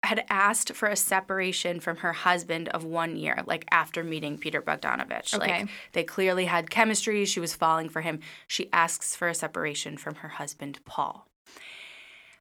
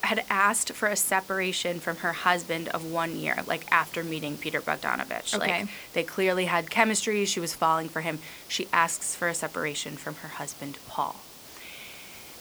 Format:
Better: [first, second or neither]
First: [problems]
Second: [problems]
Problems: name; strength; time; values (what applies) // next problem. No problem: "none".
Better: first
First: none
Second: hiss; noticeable; throughout; 15 dB below the speech